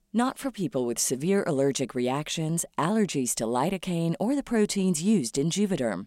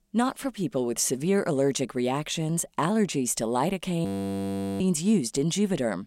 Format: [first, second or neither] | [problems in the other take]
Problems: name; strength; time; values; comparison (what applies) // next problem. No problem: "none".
first | audio freezing; at 4 s for 1 s